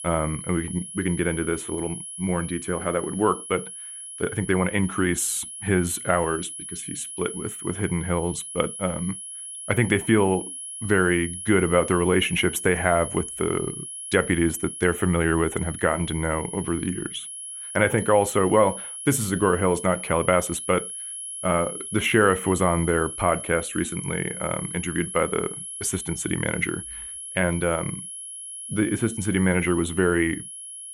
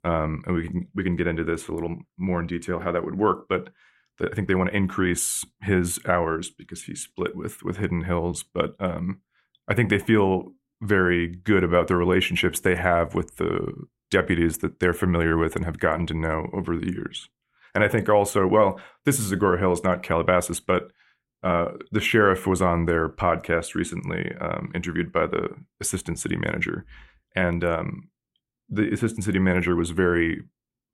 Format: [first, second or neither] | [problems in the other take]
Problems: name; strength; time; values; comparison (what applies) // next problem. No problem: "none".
second | high-pitched whine; loud; throughout; 10.5 kHz, 9 dB below the speech